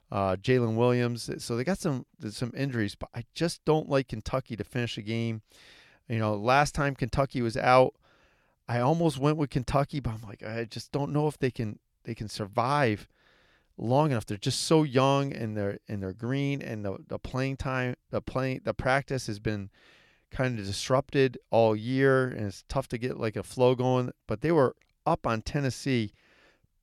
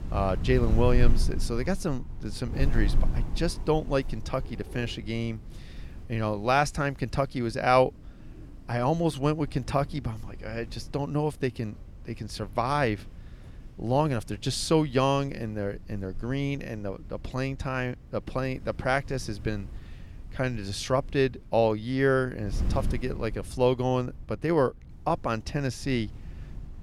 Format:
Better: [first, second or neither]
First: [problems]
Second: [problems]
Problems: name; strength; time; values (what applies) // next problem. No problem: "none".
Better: first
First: none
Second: wind noise on the microphone; occasional gusts; 20 dB below the speech